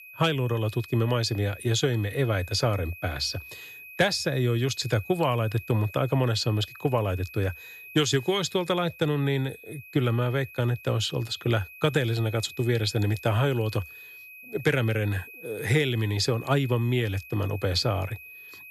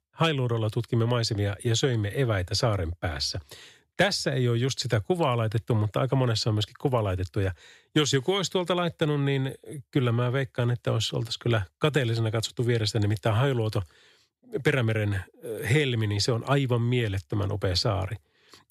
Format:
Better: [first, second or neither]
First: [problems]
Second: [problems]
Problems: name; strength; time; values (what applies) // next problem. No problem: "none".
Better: second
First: high-pitched whine; noticeable; throughout; 2.5 kHz, 15 dB below the speech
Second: none